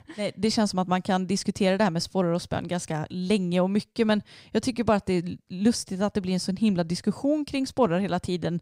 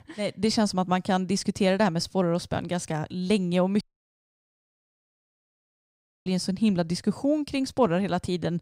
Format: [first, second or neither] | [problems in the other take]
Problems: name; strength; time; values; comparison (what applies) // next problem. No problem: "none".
first | audio cutting out; at 4 s for 2.5 s